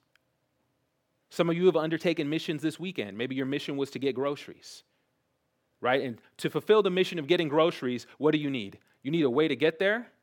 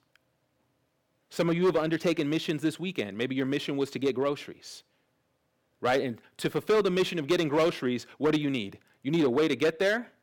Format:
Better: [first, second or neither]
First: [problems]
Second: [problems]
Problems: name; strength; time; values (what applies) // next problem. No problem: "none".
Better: first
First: none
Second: distortion; slight; 5% of the sound clipped